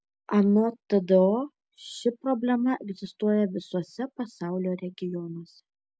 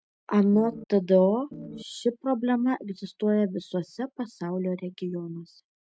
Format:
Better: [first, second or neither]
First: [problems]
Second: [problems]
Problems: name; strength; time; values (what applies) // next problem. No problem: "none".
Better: first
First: none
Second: noise reduction (neural mask model RNNoise)